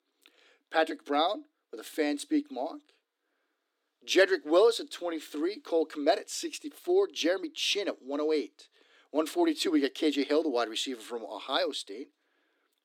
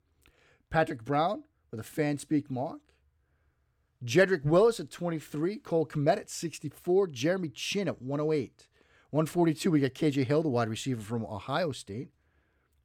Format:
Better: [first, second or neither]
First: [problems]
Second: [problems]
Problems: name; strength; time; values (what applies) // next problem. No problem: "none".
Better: second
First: thin; very slightly; fading below 300 Hz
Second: none